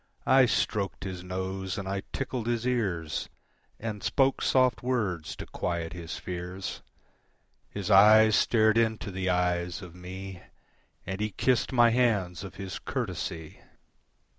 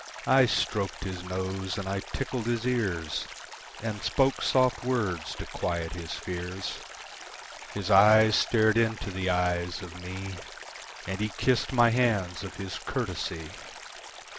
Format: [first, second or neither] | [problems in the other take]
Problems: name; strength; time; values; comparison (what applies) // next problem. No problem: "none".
first | background sound (Stream); 14 dB below the speech